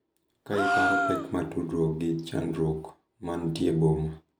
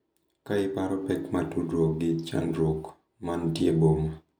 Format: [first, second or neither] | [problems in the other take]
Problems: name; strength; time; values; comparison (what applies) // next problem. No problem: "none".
second | background sound (Gasp); 2 dB below the speech